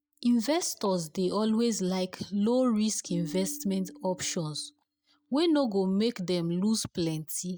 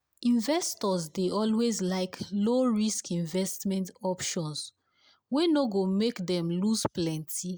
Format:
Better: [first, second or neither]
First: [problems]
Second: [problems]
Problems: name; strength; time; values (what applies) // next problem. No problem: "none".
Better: second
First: noise reduction (neural mask model DeepFilterNet 3)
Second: none